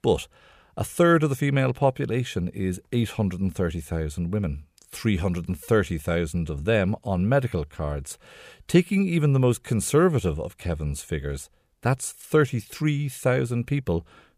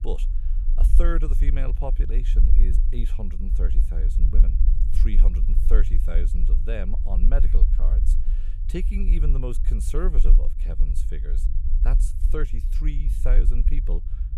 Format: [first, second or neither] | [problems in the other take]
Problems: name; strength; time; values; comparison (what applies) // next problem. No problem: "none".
first | low rumble; loud; throughout; 8 dB below the speech